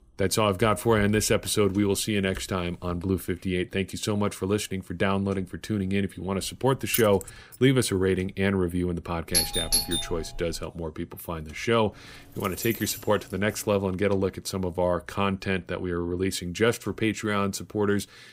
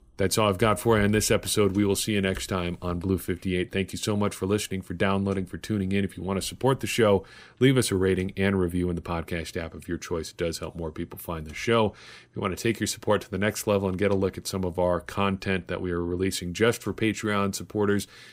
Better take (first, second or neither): second